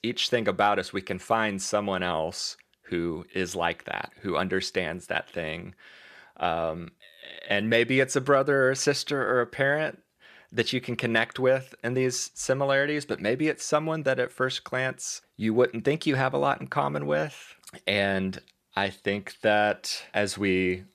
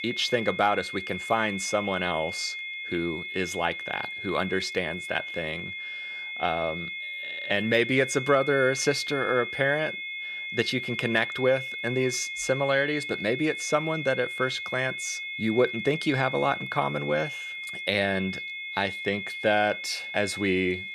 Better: first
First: none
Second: high-pitched whine; loud; throughout; 2 kHz, 6 dB below the speech

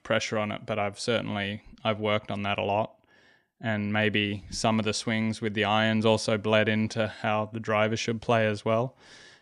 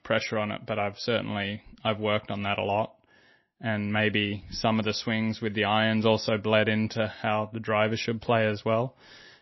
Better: first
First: none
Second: garbled, watery; slightly; nothing above 5.5 kHz

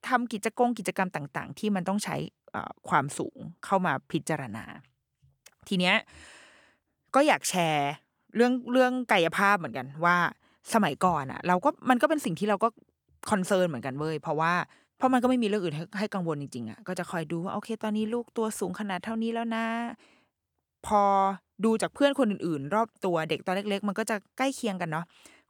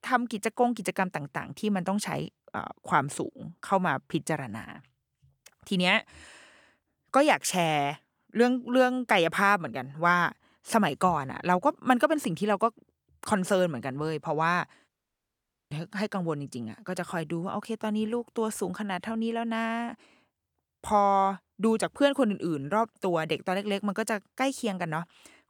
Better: first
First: none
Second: audio cutting out; at 15 s for 1 s

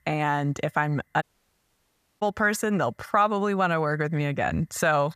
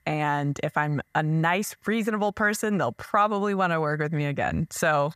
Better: second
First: audio cutting out; at 1 s for 1 s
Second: none

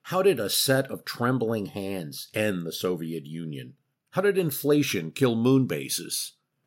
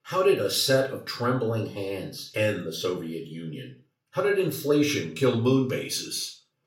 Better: first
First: none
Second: room echo; slight; dies away in 0.3 s // off-mic speech; far

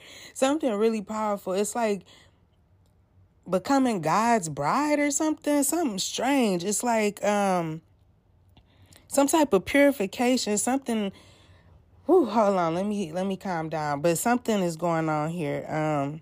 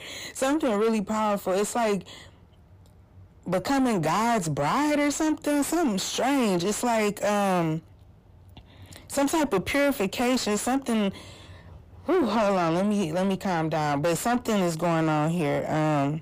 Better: first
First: none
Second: distortion; heavy; 7 dB below the speech

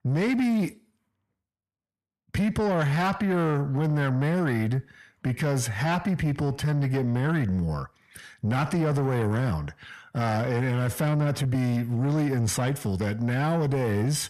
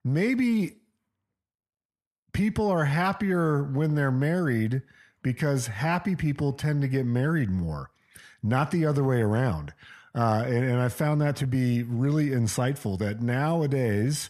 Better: second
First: distortion; slight; 10 dB below the speech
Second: none

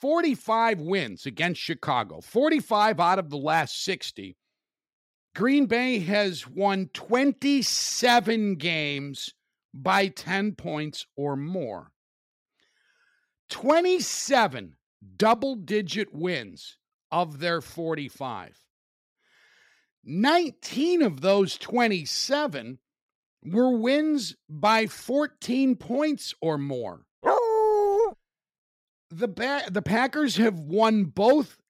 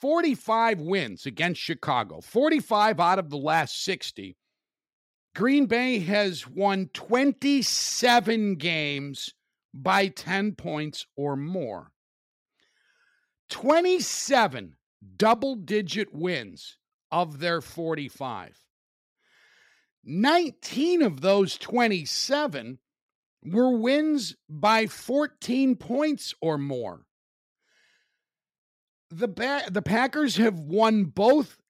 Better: second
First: dog barking; loud; at 27 s; peak 3 dB above the speech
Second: none

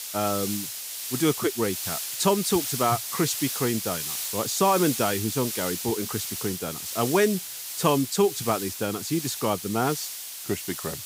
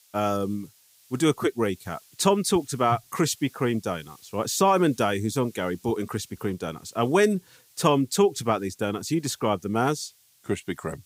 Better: second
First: hiss; loud; throughout; 4 dB below the speech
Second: hiss; faint; throughout; 30 dB below the speech

